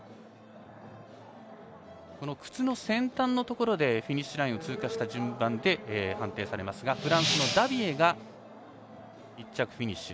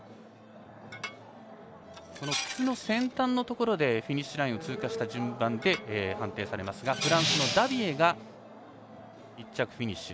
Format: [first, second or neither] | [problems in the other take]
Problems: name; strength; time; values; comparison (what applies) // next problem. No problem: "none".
first | background sound (Dishes, pots, and pans); 11 dB below the speech